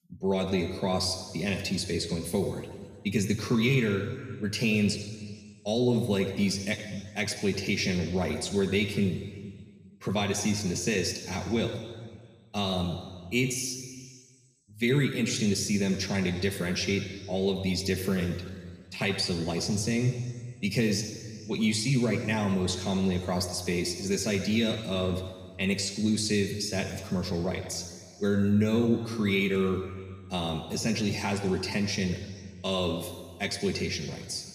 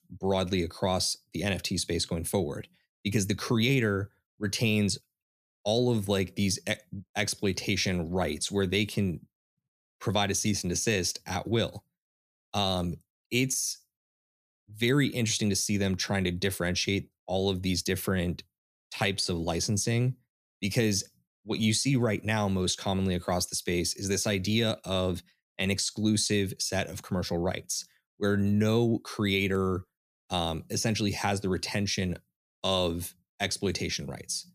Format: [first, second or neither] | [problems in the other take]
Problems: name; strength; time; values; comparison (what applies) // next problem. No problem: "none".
second | room echo; slight; dies away in 1.7 s